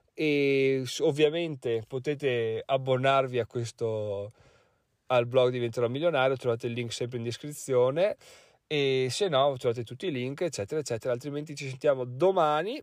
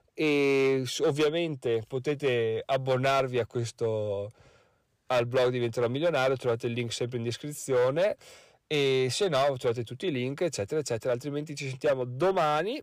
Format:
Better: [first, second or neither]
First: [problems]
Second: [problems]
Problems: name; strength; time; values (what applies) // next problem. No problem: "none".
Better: first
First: none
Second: distortion; slight; 7% of the sound clipped